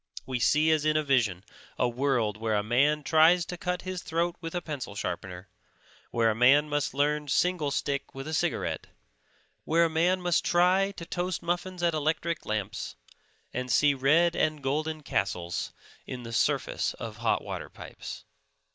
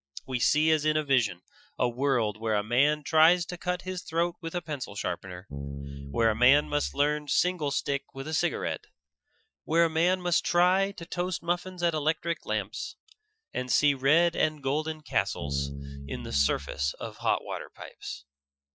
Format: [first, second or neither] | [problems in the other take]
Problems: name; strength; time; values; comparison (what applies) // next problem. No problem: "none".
first | noise reduction (classical method Wiener filter)